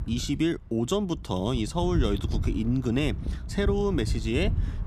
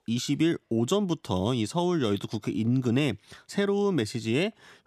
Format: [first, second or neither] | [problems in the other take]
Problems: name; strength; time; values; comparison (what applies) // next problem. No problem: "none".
second | wind noise on the microphone; occasional gusts; 15 dB below the speech